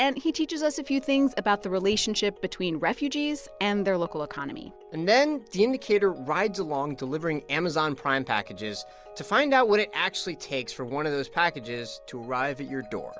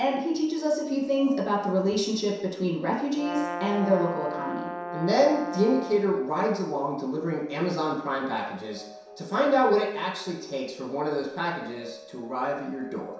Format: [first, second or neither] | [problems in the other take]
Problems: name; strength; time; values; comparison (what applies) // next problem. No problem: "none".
first | background sound (Brass instrument); 8 dB below the speech // room echo; dies away in 0.7 s